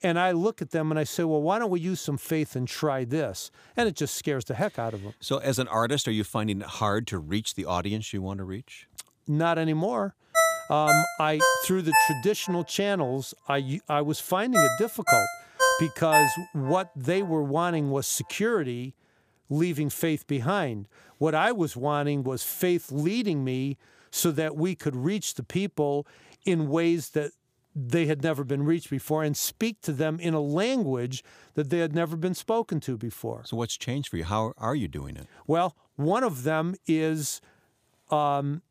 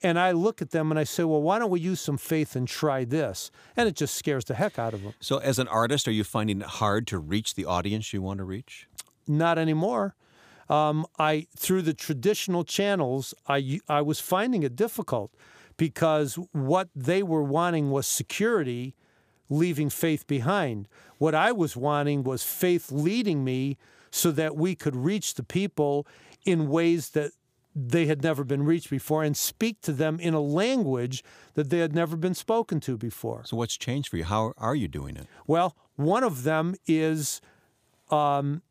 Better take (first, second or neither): second